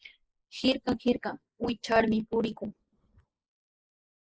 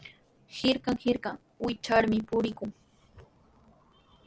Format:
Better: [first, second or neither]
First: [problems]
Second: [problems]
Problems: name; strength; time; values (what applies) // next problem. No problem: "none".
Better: second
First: noise reduction (neural mask model Resemble Enhance denoiser)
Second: none